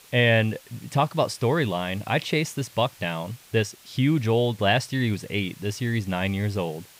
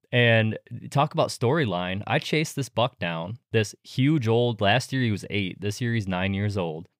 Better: second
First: hiss; faint; throughout; 25 dB below the speech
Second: none

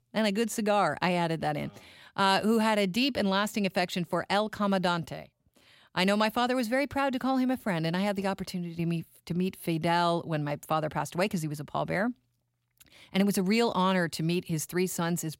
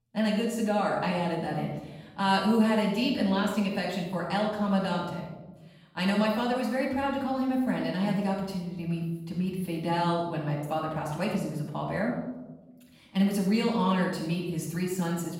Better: first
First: none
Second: off-mic speech; far // room echo; noticeable; dies away in 1.1 s

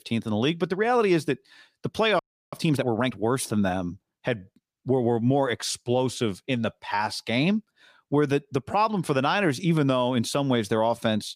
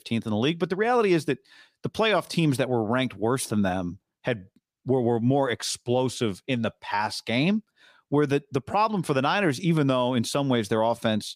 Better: second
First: audio freezing; at 2 s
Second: none

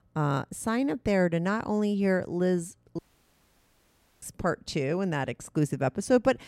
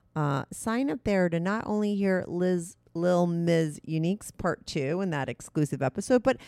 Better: second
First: audio cutting out; at 3 s for 1 s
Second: none

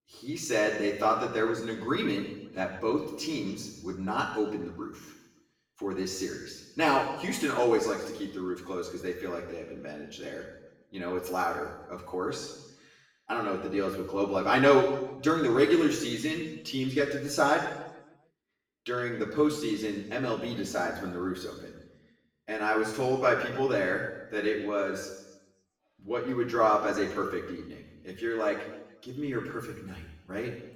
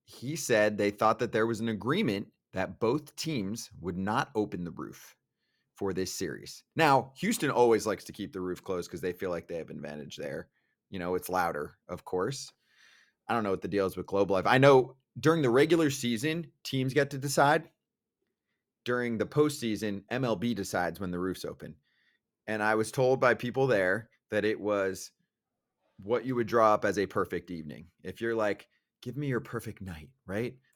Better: second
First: room echo; noticeable; dies away in 0.9 s // off-mic speech; far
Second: none

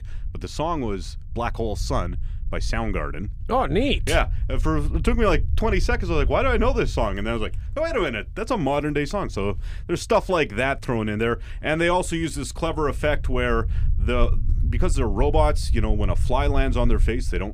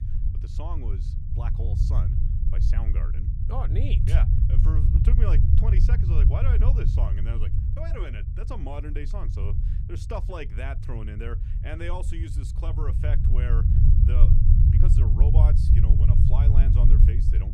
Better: first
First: low rumble; faint; throughout; 25 dB below the speech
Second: low rumble; loud; throughout; as loud as the speech

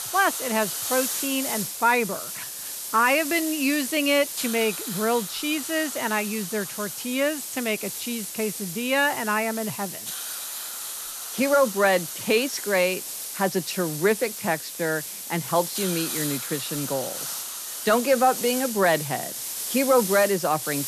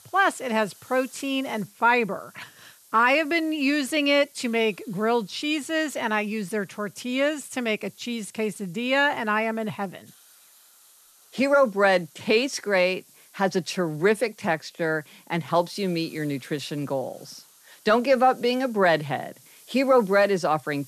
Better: second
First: hiss; loud; throughout; 6 dB below the speech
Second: hiss; faint; throughout; 25 dB below the speech

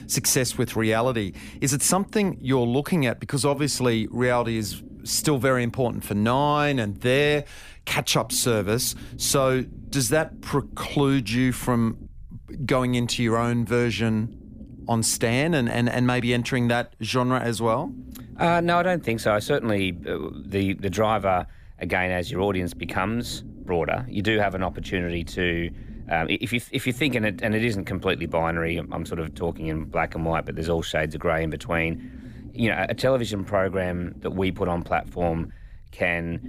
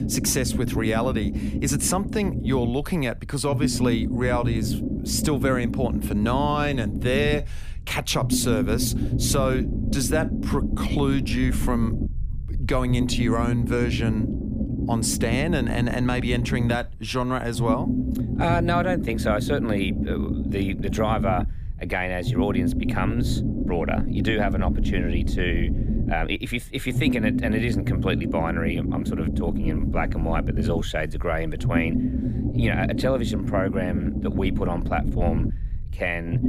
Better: first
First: low rumble; faint; throughout; 25 dB below the speech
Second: low rumble; loud; throughout; 7 dB below the speech

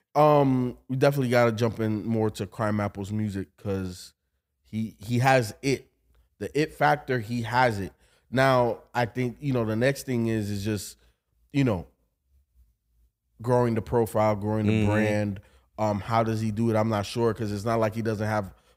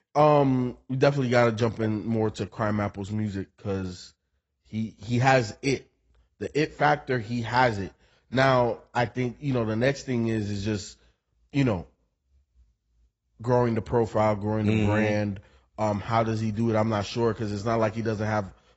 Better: first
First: none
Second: garbled, watery; badly; nothing above 8 kHz

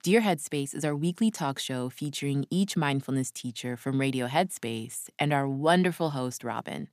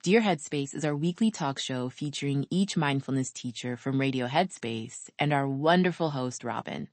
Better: first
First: none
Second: garbled, watery; slightly; nothing above 8 kHz

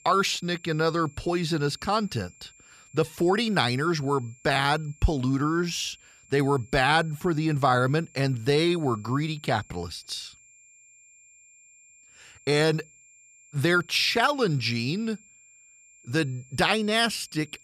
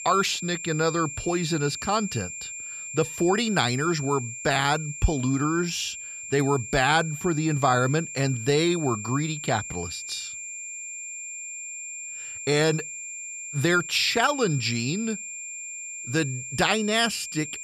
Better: first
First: high-pitched whine; faint; throughout; 7.5 kHz, 25 dB below the speech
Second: high-pitched whine; loud; throughout; 7.5 kHz, 9 dB below the speech

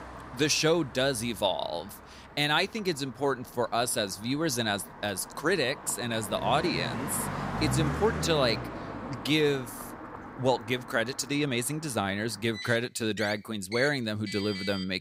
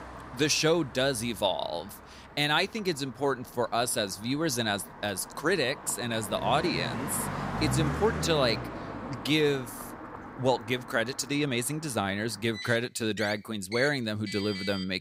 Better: neither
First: traffic noise; loud; throughout; 9 dB below the speech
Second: traffic noise; loud; throughout; 9 dB below the speech

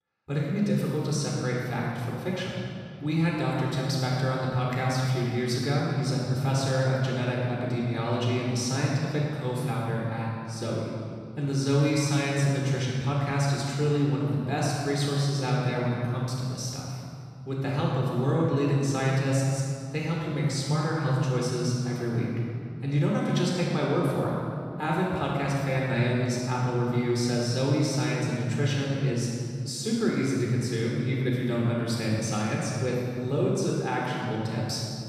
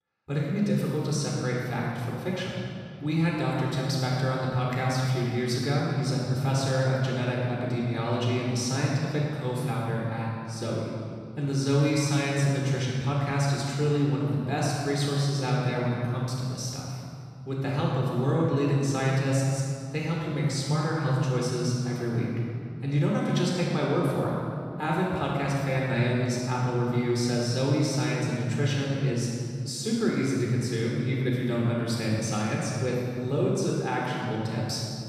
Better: neither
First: off-mic speech; far // room echo; strong; dies away in 2.2 s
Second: off-mic speech; far // room echo; strong; dies away in 2.2 s

